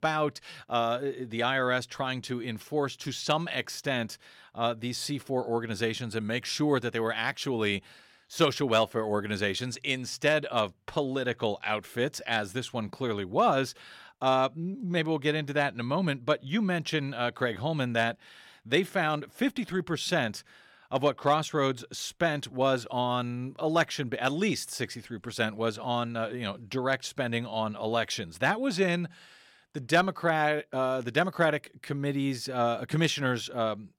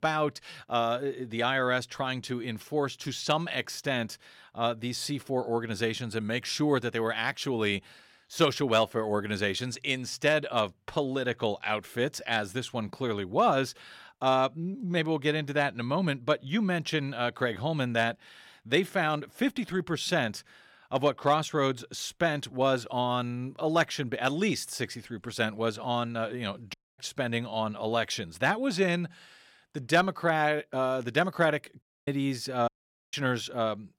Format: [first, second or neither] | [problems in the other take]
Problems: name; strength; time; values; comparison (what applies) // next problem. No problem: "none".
first | audio cutting out; at 27 s, at 32 s and at 33 s